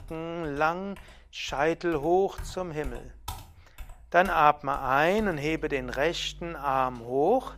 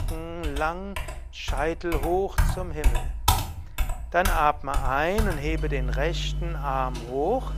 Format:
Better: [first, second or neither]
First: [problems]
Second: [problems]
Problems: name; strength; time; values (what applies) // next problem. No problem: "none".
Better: first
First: household noises; faint; throughout; 20 dB below the speech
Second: household noises; loud; throughout; 3 dB below the speech